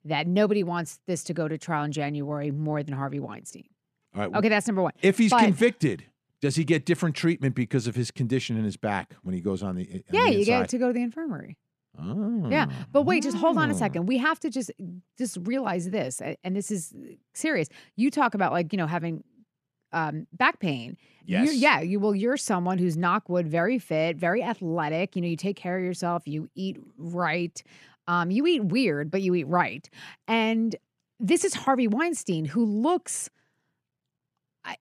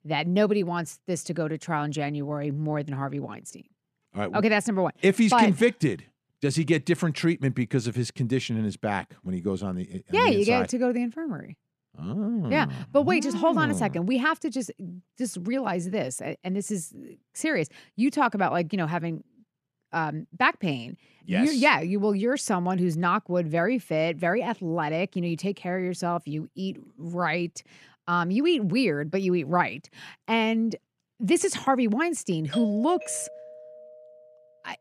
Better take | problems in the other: first | doorbell; noticeable; from 33 to 34 s; peak 9 dB below the speech

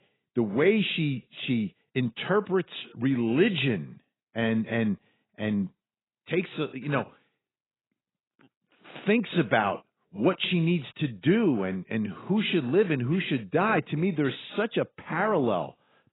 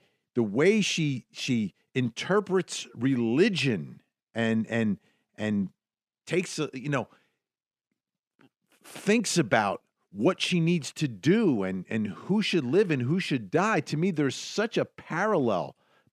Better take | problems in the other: second | garbled, watery; badly; nothing above 4 kHz

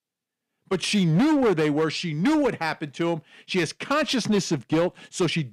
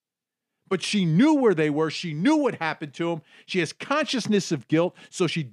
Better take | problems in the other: second | distortion; slight; 9% of the sound clipped

